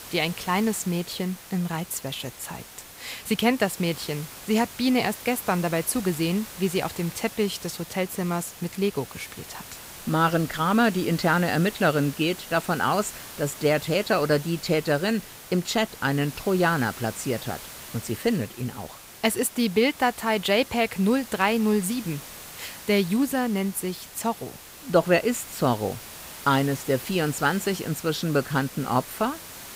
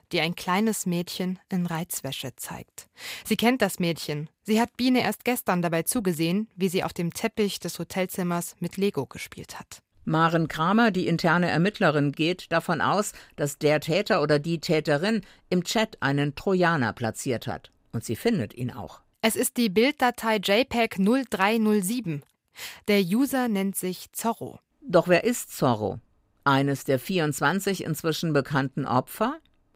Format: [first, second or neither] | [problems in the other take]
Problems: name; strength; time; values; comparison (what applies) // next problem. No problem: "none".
second | hiss; noticeable; throughout; 15 dB below the speech